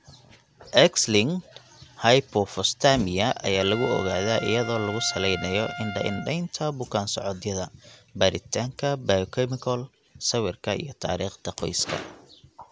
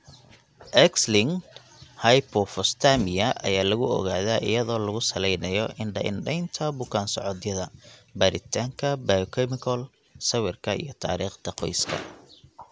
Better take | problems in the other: second | background sound (Trumpet); 11 dB below the speech

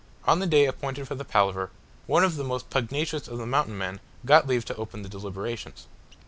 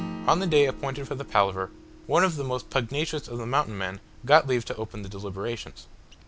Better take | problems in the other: first | background sound (Acoustic guitar / Strum); 17 dB below the speech

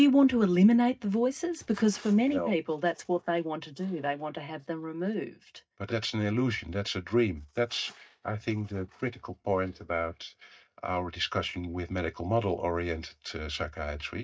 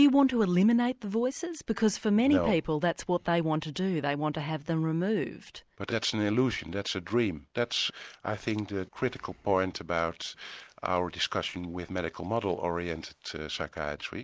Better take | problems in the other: second | noise reduction (neural mask model DeepFilterNet 3)

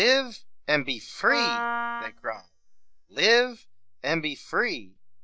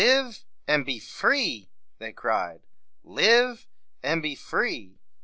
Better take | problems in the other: second | noise reduction (neural mask model DeepFilterNet 3)

